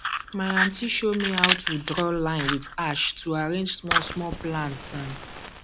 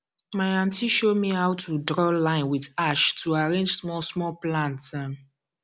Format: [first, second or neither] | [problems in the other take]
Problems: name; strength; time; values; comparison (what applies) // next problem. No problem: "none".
second | background sound (Fire); 2 dB below the speech